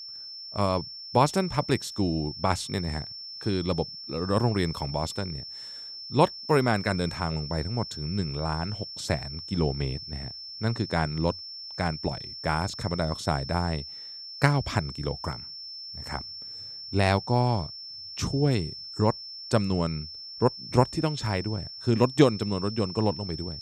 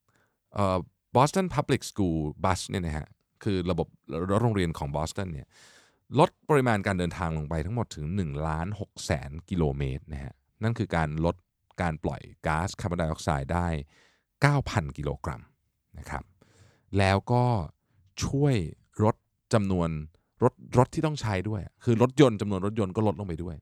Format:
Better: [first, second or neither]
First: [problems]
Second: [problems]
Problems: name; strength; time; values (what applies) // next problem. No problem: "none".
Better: second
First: high-pitched whine; loud; throughout; 5.5 kHz, 9 dB below the speech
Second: none